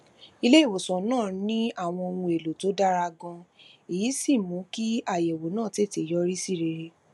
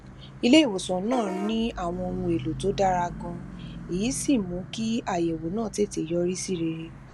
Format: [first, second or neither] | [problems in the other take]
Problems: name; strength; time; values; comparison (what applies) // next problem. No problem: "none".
first | background sound (Bus / Vehicle horn, car horn, honking); 12 dB below the speech